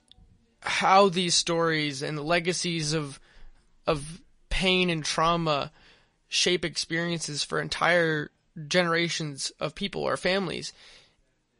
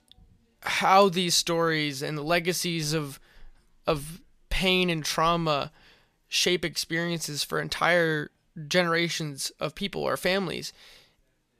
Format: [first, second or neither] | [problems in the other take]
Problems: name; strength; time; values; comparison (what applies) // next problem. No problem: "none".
second | garbled, watery; slightly; nothing above 10.5 kHz